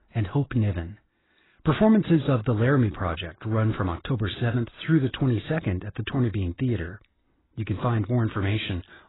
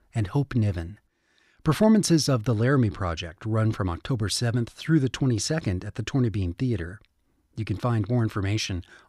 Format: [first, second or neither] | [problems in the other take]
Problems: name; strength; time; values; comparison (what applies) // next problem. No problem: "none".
second | garbled, watery; badly; nothing above 4 kHz